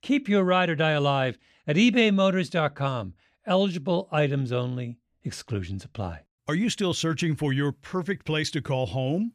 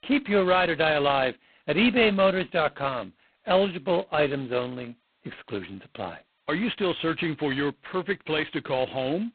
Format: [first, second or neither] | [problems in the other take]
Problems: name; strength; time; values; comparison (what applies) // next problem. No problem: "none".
first | phone-call audio; poor line; nothing above 4 kHz